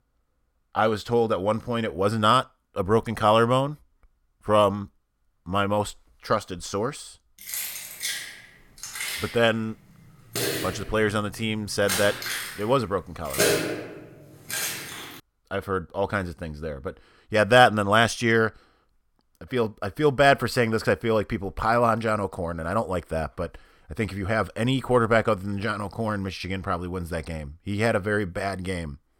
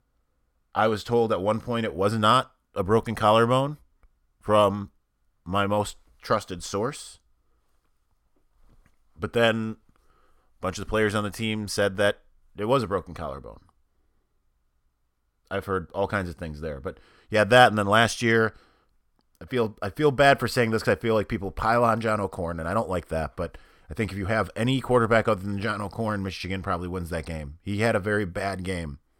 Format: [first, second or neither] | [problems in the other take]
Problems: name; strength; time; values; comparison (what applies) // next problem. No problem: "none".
second | jangling keys; loud; from 7.5 to 15 s; peak 3 dB above the speech